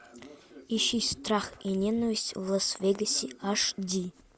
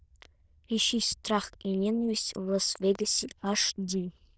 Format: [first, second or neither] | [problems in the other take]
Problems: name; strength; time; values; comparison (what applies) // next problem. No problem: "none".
first | noise reduction (neural diffusion model UNIVERSE++)